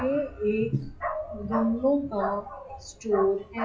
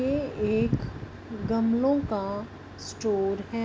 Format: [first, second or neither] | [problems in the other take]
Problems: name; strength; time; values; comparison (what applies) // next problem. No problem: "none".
second | noise reduction (classical method WPE with log-MMSE)